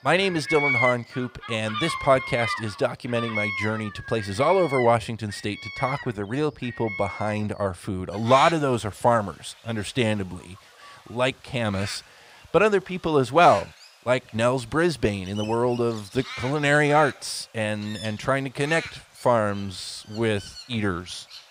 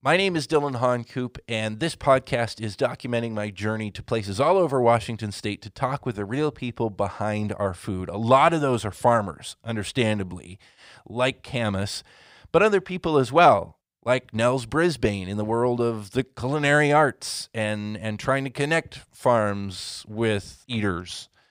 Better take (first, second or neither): second